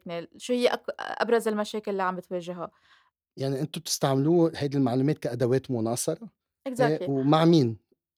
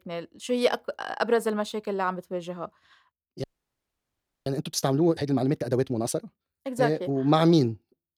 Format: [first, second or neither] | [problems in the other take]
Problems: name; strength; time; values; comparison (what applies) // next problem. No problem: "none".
first | audio freezing; at 3.5 s for 1 s